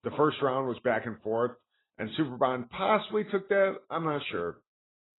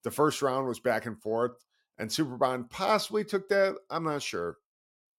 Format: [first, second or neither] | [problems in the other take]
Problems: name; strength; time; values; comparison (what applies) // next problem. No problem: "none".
second | garbled, watery; badly; nothing above 4 kHz